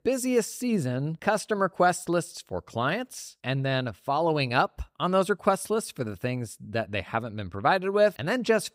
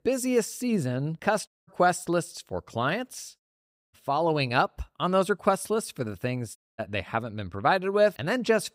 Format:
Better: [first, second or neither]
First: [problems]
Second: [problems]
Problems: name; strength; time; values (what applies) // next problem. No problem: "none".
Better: first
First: none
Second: audio cutting out; at 1.5 s, at 3.5 s for 0.5 s and at 6.5 s